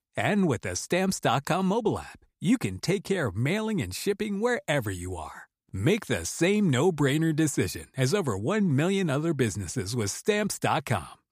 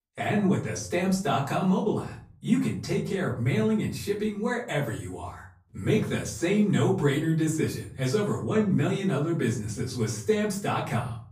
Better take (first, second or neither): first